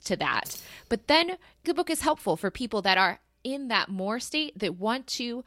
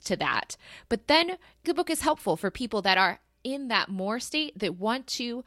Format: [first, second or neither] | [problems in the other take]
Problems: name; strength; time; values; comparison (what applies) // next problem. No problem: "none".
second | jangling keys; faint; at 0.5 s; peak 15 dB below the speech